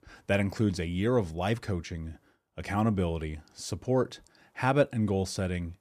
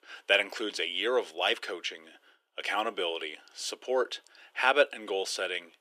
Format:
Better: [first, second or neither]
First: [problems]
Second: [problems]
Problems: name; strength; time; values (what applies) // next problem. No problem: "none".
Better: first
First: none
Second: thin; very; fading below 350 Hz